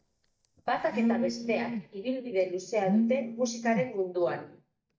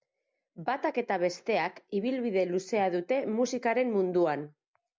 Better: second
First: noise reduction (neural mask model DeepFilterNet 3)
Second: none

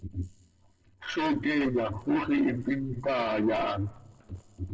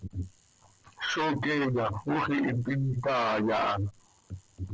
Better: second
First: noise reduction (neural separator model SepFormer DNS4)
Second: none

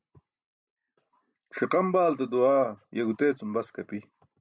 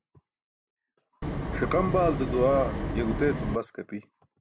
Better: first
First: none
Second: background sound (Wind); 1 dB below the speech

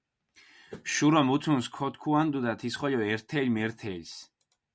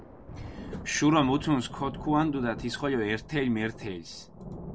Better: first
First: none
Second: background sound (Thunder); 13 dB below the speech

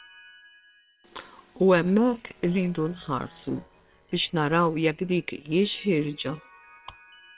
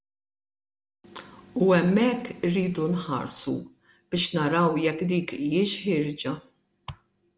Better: second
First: noise reduction (neural separator model SepFormer WHAM!)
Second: none

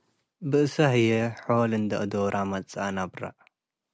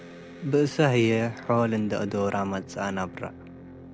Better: first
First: none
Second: background sound (Electric guitar); 17 dB below the speech

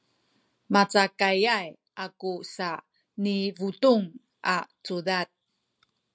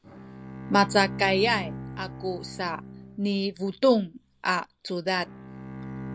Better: first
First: none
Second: background sound (Bowed string instrument); 12 dB below the speech

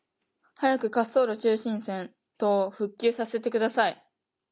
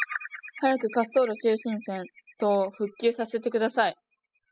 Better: first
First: none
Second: noise reduction (classical method spectral subtraction)

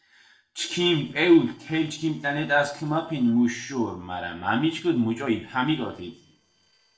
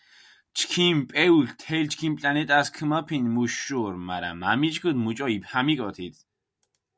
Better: second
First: noise reduction (neural separator model SepFormer DNS4)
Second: none

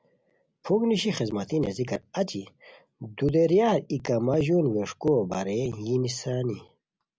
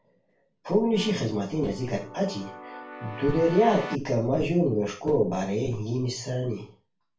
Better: first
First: none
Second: background sound (Keyboard (musical)); 14 dB below the speech // room echo; dies away in 0.3 s

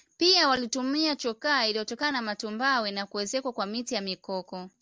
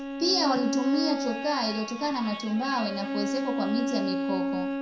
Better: first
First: none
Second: background sound (Bowed string instrument); 2 dB below the speech // room echo; dies away in 0.5 s

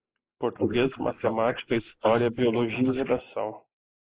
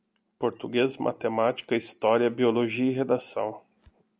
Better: second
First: noise reduction (neural mask model Resemble Enhance denoiser)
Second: none

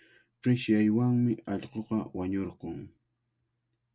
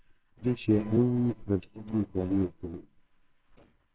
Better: first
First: none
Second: noise reduction (neural separator model SepFormer WHAMR!)

